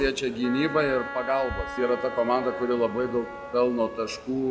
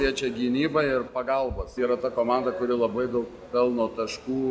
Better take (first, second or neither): second